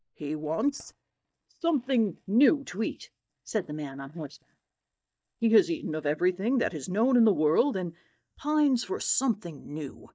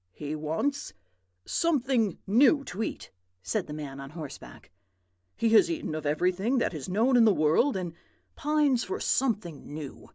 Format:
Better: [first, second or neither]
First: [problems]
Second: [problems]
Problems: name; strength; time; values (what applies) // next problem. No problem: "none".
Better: second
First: noise reduction (neural mask model DeepFilterNet 3)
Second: none